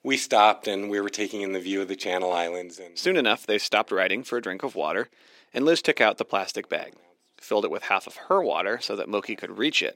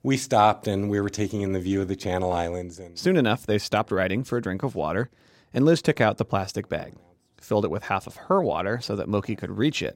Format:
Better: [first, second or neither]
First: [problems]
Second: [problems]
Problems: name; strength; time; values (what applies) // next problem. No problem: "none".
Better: second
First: thin; somewhat; fading below 300 Hz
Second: none